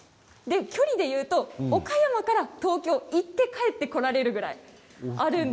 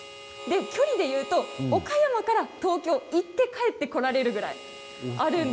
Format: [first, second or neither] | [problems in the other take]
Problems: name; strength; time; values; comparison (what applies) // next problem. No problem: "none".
first | background sound (Harmonica); 16 dB below the speech